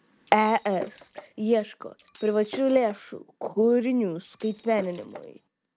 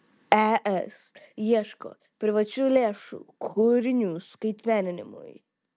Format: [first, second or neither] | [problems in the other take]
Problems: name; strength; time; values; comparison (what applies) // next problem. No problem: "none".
second | background sound (Shatter); 19 dB below the speech